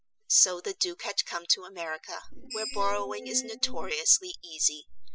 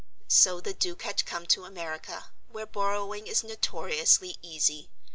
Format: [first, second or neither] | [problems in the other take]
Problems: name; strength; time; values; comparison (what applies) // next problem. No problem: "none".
second | noise reduction (classical method spectral subtraction)